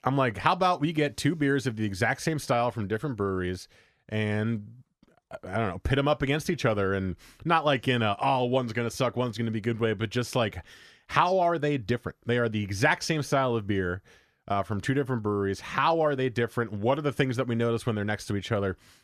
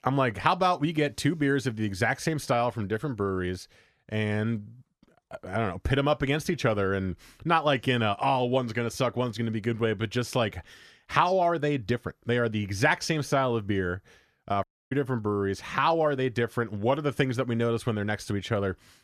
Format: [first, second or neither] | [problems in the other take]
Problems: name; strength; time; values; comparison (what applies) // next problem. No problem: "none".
first | audio cutting out; at 15 s